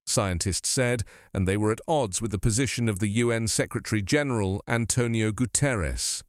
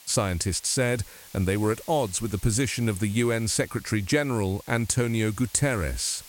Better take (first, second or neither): first